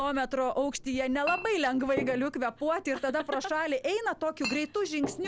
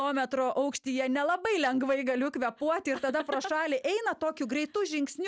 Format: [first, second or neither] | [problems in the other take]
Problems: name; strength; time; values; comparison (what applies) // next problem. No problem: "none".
second | background sound (Chink, clink); 12 dB below the speech